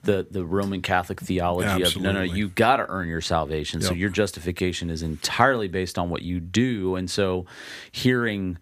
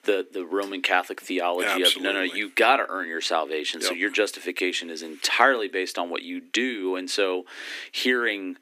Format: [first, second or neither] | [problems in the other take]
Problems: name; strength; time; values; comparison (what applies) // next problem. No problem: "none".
first | thin; somewhat; fading below 250 Hz